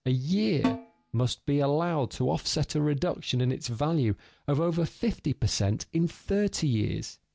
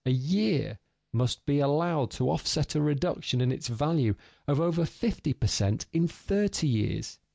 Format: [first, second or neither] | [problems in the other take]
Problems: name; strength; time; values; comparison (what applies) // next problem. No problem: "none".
second | background sound (Snare drum); 7 dB below the speech